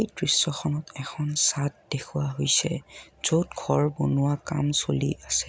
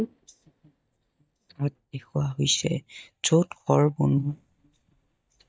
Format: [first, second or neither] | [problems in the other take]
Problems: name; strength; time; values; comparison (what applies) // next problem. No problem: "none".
first | noise reduction (neural mask model DeepFilterNet 3)